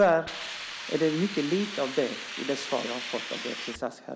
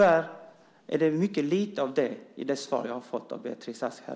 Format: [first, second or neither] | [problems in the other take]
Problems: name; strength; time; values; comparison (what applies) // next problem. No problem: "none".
second | background sound (Hiss); 8 dB below the speech